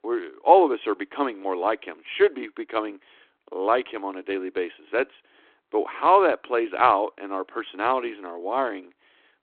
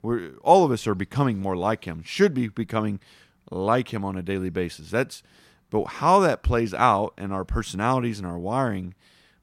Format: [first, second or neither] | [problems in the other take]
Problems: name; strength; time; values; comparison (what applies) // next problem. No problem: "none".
second | phone-call audio